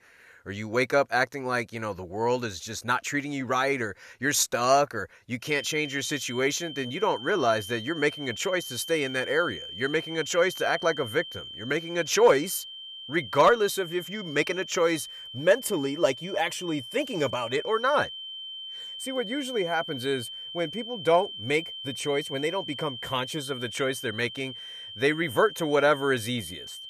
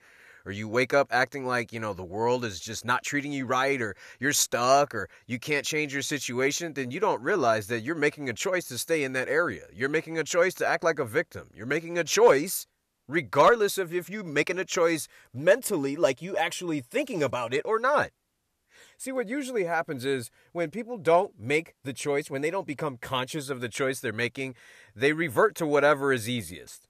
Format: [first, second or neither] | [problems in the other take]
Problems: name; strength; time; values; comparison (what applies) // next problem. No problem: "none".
second | high-pitched whine; noticeable; from 5.5 s on; 3 kHz, 10 dB below the speech